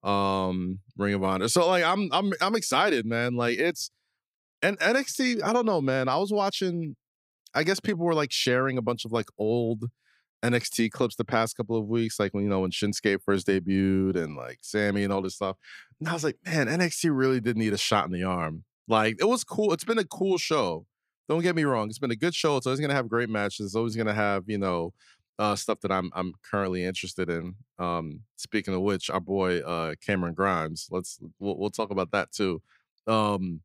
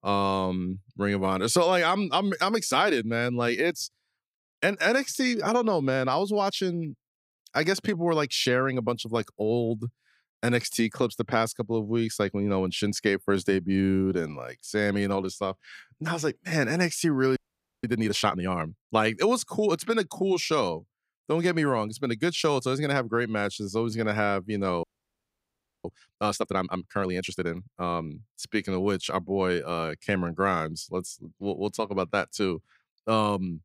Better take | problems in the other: first | audio freezing; at 17 s and at 25 s for 1 s

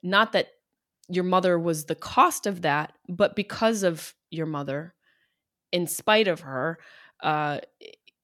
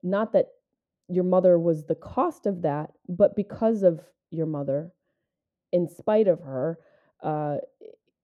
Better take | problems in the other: first | muffled; very; fading above 1 kHz

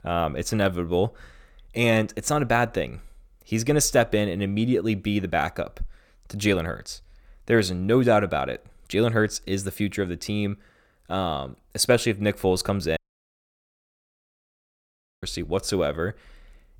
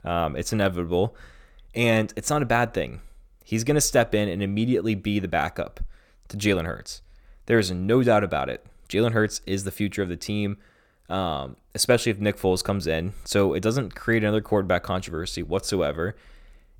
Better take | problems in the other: second | audio cutting out; at 13 s for 2.5 s

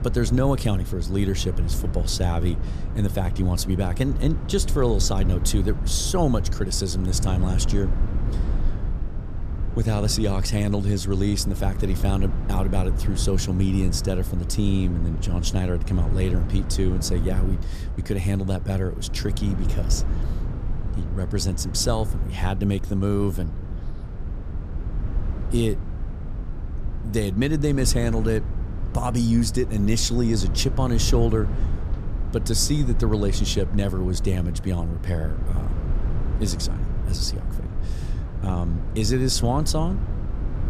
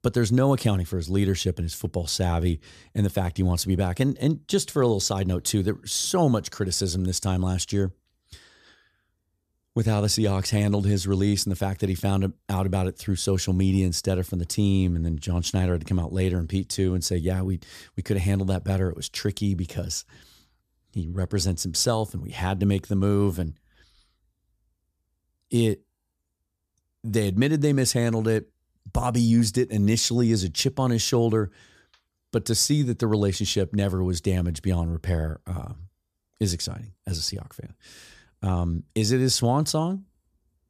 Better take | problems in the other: second | low rumble; noticeable; throughout; 10 dB below the speech

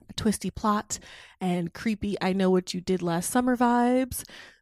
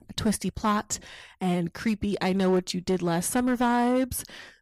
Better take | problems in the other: first | distortion; slight; 6% of the sound clipped

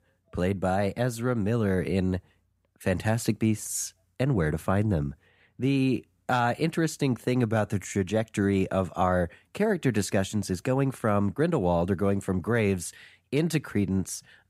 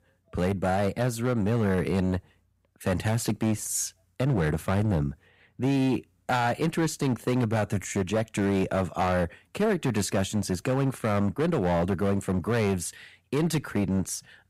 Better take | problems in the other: first | distortion; slight; 9% of the sound clipped

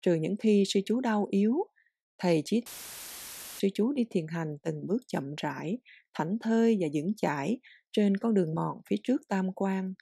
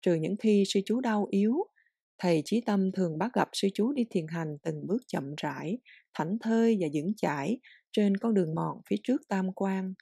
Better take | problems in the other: second | audio cutting out; filled with static; at 2.5 s for 1 s

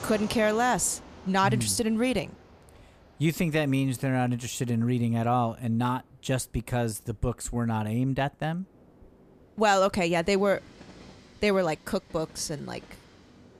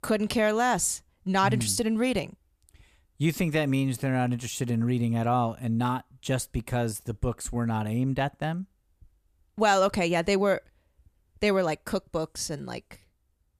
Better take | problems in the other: second | train or aircraft noise; faint; throughout; 25 dB below the speech

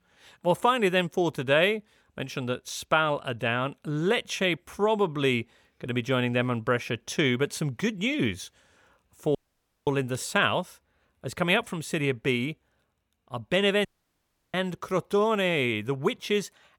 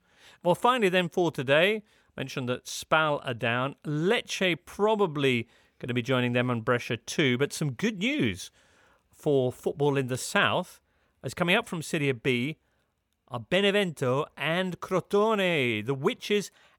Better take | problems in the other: second | audio cutting out; at 9.5 s for 0.5 s and at 14 s for 0.5 s

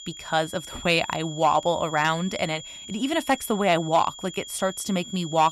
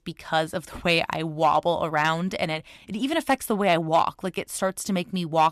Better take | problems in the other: second | high-pitched whine; noticeable; throughout; 3.5 kHz, 15 dB below the speech

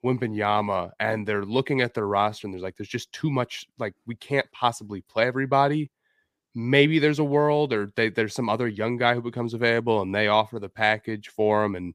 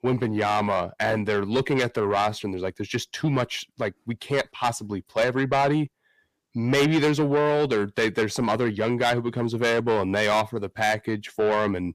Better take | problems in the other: first | distortion; heavy; 8 dB below the speech

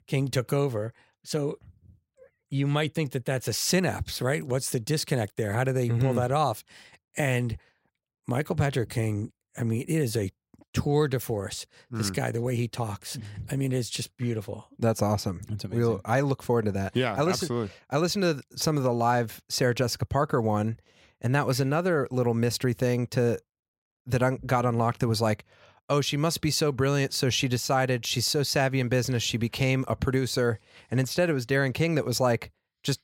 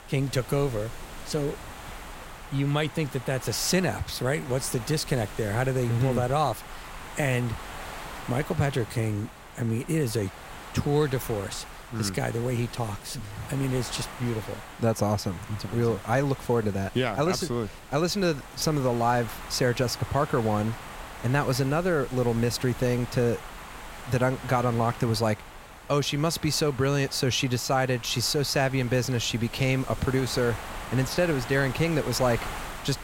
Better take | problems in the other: first | wind noise on the microphone; occasional gusts; 10 dB below the speech

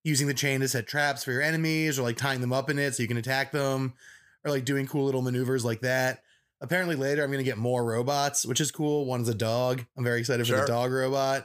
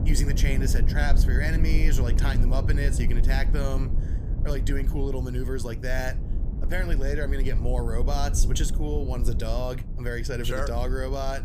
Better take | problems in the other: first | low rumble; loud; throughout; 10 dB below the speech

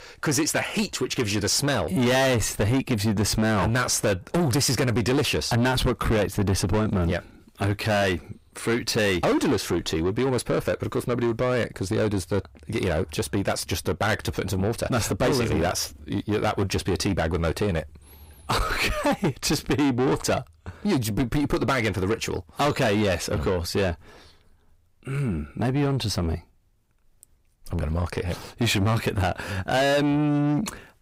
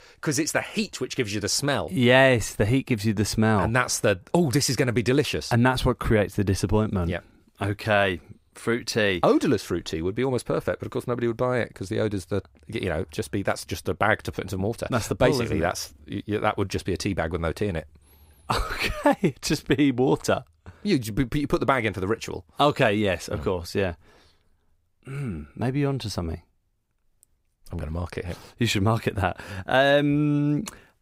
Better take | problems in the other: second | distortion; heavy; 7 dB below the speech

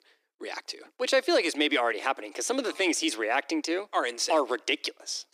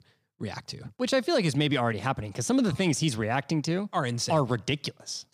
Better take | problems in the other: second | thin; somewhat; fading below 300 Hz

